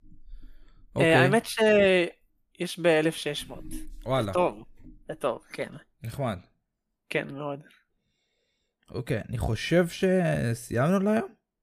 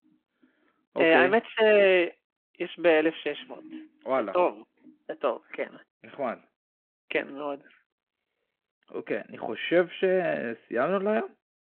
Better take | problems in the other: first | phone-call audio

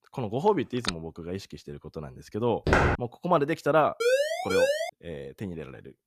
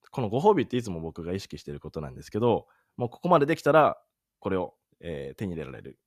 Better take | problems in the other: second | phone ringing; noticeable; at 1 s; peak 5 dB below the speech // footsteps; loud; at 2.5 s; peak 6 dB above the speech // siren; loud; at 4 s; peak 4 dB above the speech

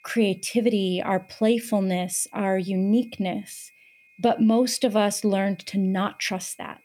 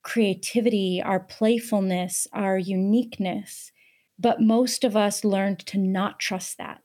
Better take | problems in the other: second | high-pitched whine; faint; throughout; 2.5 kHz, 30 dB below the speech

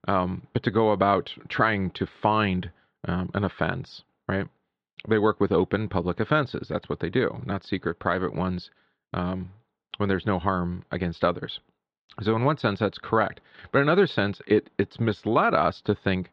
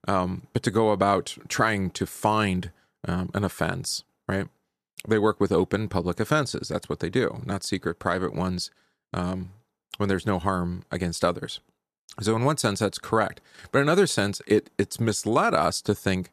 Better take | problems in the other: second | muffled; slightly; fading above 3.5 kHz

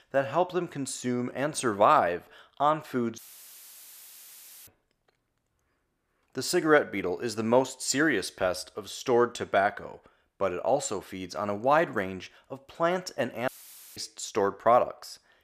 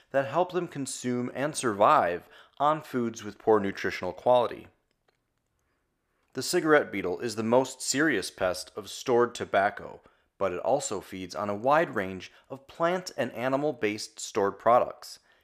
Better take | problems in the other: second | audio cutting out; filled with static; at 3 s for 1.5 s and at 13 s

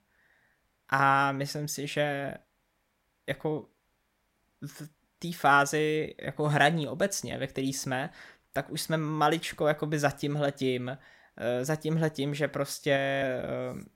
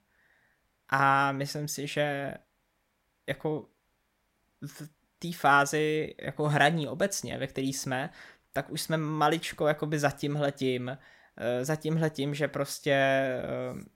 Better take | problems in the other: second | audio freezing; at 13 s

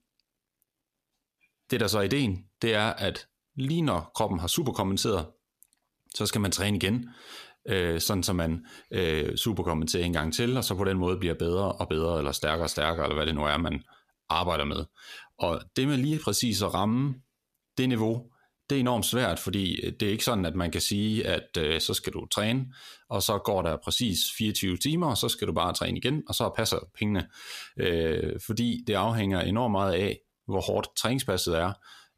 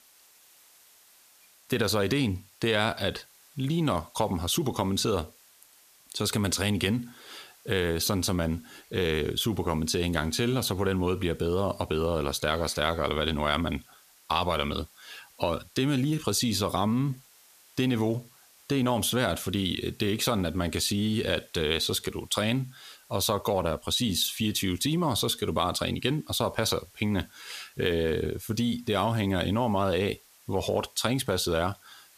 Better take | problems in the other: first | hiss; faint; throughout; 25 dB below the speech

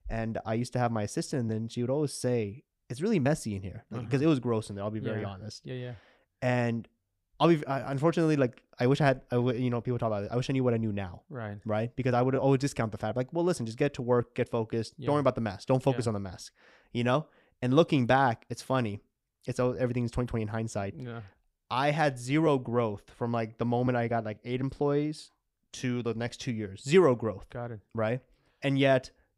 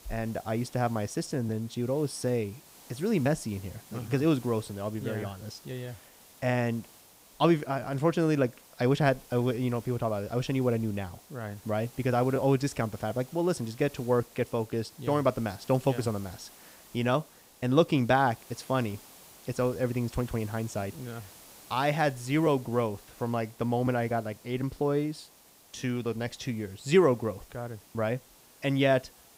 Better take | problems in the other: first | hiss; faint; throughout; 20 dB below the speech

